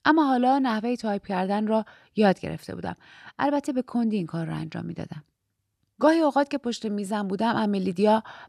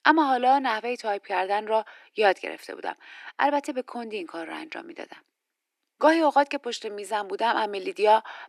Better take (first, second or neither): first